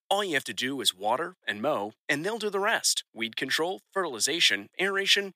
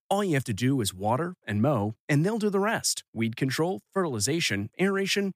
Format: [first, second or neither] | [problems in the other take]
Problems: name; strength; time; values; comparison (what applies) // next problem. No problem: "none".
second | thin; somewhat; fading below 400 Hz